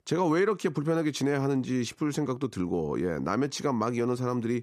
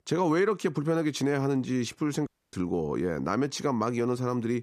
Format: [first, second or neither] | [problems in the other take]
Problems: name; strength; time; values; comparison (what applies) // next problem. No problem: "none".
first | audio cutting out; at 2.5 s